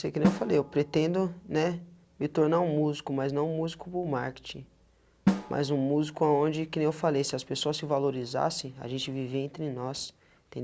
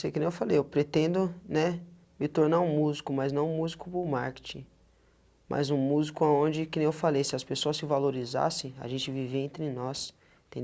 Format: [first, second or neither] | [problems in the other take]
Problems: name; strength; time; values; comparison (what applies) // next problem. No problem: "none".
second | background sound (Drum); 7 dB below the speech